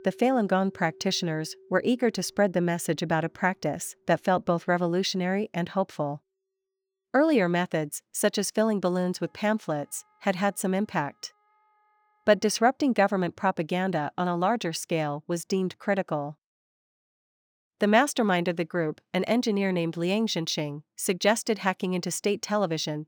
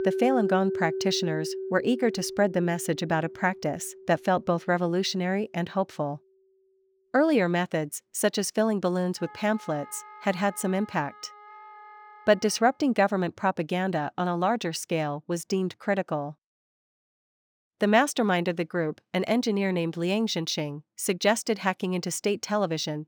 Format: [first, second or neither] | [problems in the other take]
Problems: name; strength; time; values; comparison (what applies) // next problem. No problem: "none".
first | background music; loud; until 12 s; 10 dB below the speech; faint in the first